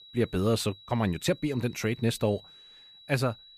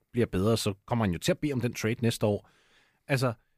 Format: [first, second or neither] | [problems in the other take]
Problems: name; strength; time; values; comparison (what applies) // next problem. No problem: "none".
second | high-pitched whine; faint; throughout; 4 kHz, 20 dB below the speech